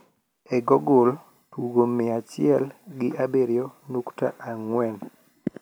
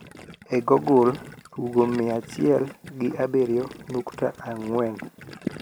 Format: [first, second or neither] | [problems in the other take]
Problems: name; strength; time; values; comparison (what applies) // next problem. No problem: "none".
first | background sound (Gurgling); 18 dB below the speech